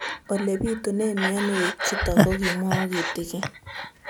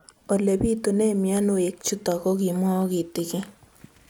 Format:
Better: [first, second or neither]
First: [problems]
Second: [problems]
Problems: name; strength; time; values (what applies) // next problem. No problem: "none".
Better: second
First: background sound (Breathing); as loud as the speech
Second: none